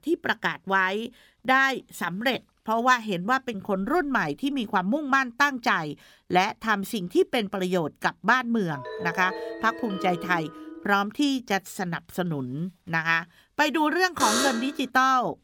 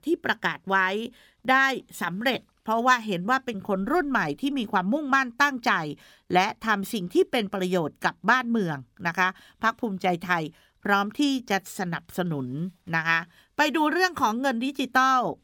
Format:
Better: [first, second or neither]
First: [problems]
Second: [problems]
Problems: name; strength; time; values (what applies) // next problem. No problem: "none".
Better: second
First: phone ringing; noticeable; from 8.5 to 11 s; peak 9 dB below the speech // alarm; loud; at 14 s; peak 1 dB above the speech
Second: none